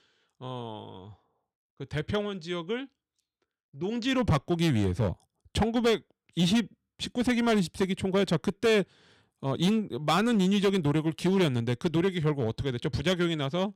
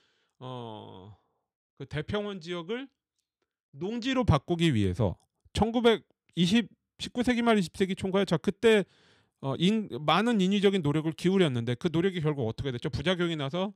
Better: second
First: distortion; slight; 6% of the sound clipped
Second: none

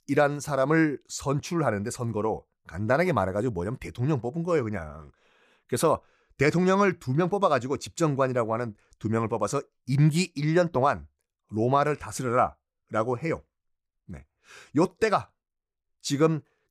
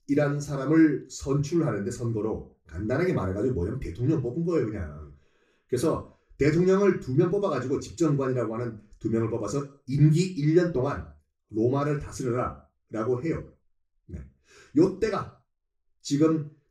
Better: first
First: none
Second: room echo; very slight; dies away in 0.3 s // off-mic speech; far

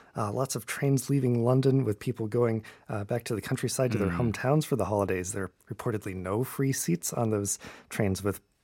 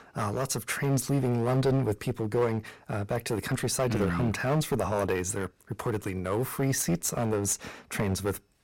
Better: first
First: none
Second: distortion; heavy; 8% of the sound clipped

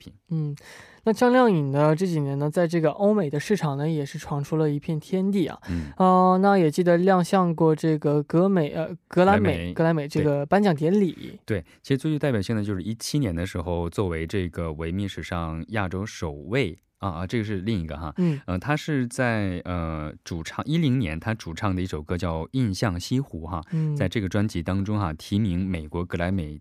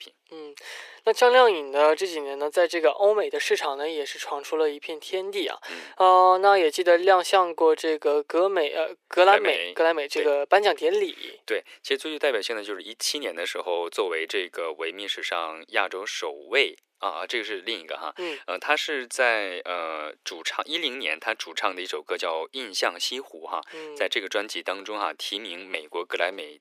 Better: first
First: none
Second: thin; very; fading below 400 Hz

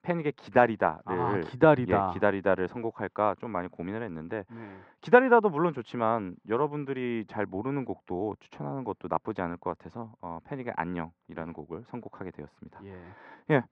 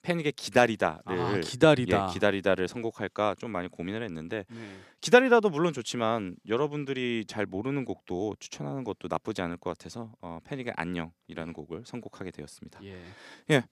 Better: second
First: muffled; very; fading above 1.5 kHz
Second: none

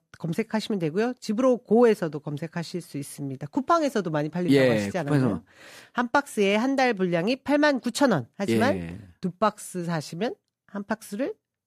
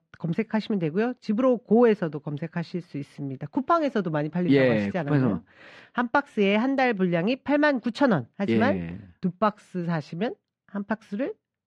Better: first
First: none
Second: muffled; slightly; fading above 3 kHz

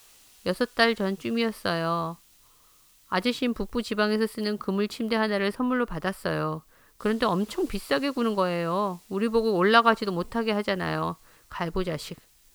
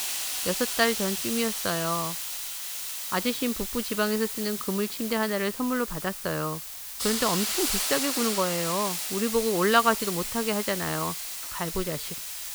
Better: first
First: hiss; faint; throughout; 30 dB below the speech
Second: hiss; loud; throughout; 2 dB below the speech

